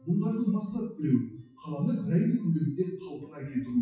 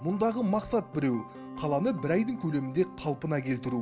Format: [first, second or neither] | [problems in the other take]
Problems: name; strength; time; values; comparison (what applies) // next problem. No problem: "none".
second | noise reduction (classical method WPE with log-MMSE)